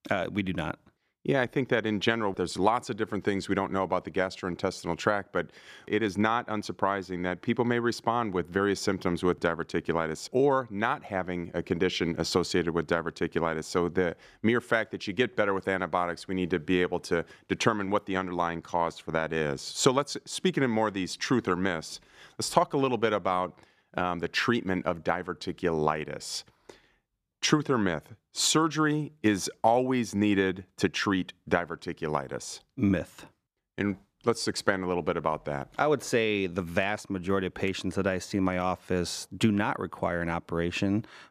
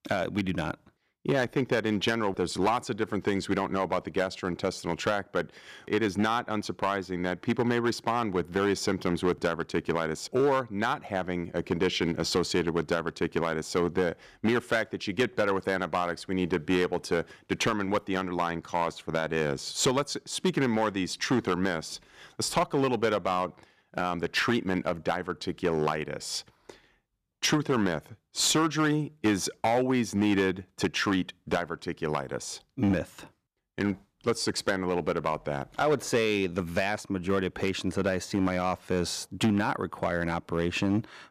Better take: first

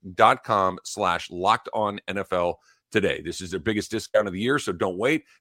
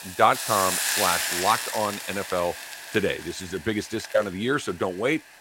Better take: first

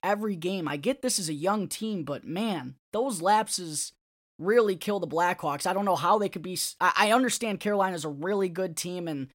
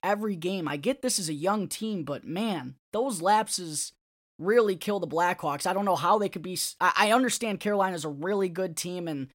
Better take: neither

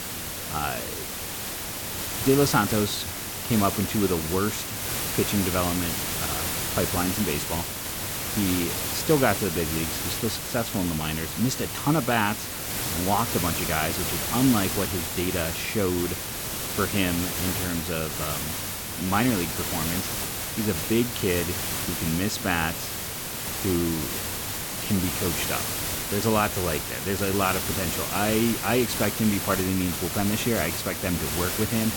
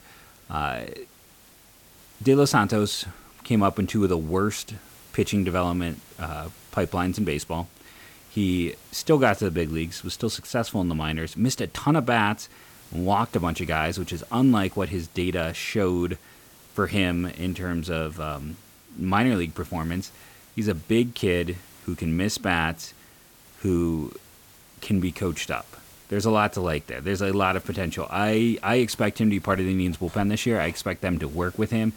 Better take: second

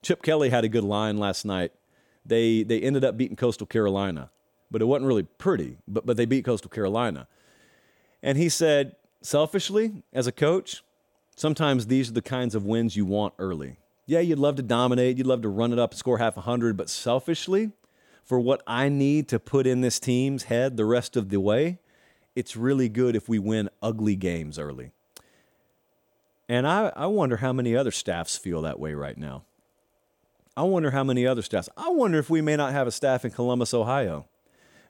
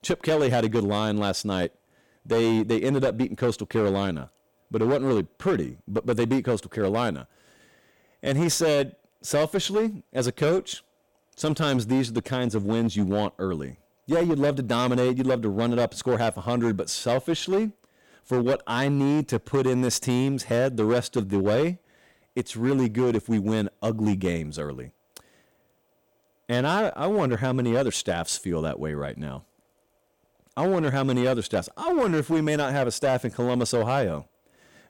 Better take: first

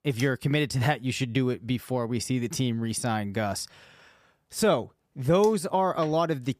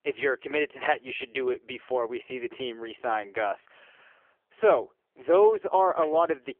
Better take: first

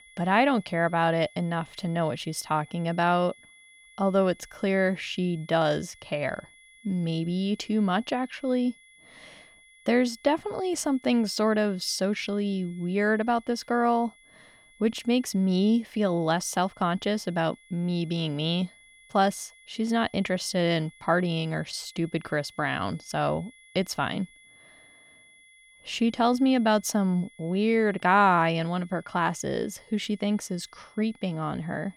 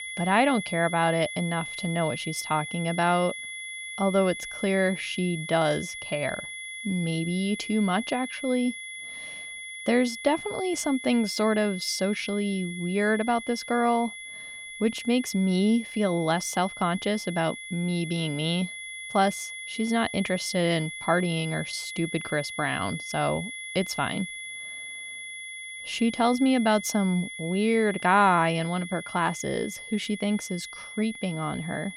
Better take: first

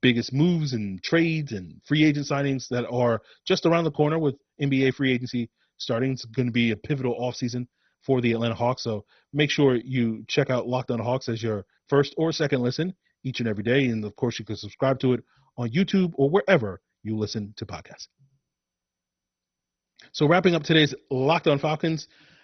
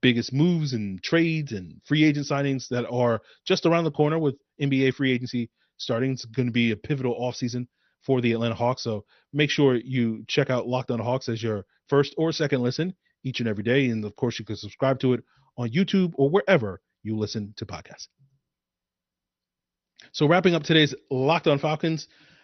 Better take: second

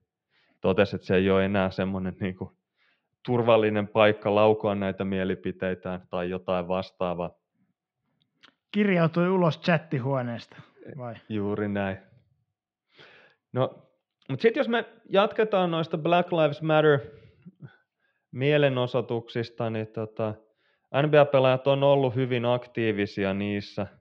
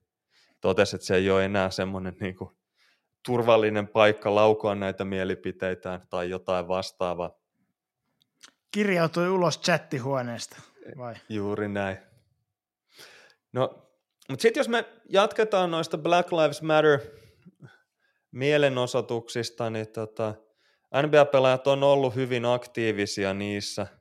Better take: second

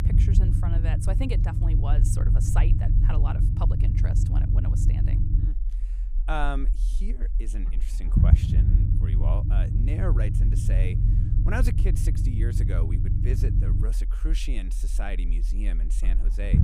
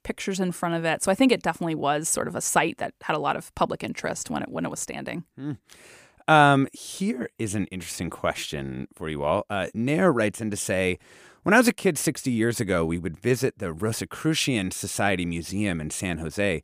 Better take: second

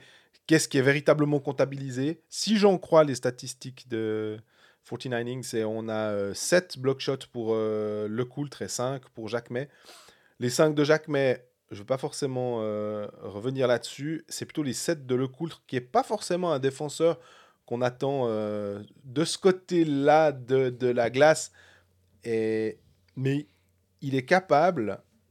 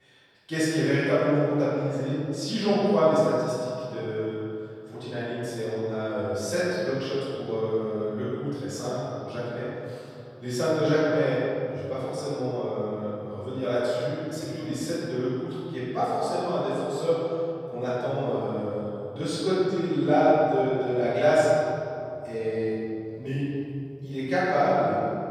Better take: first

